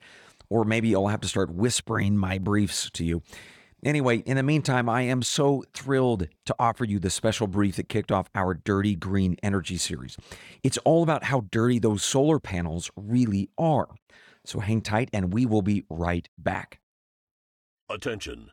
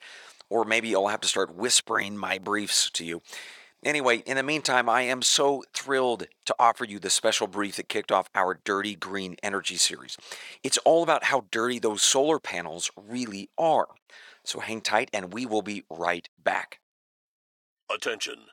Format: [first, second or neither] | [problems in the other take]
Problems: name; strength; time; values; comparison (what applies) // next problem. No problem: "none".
first | thin; very; fading below 500 Hz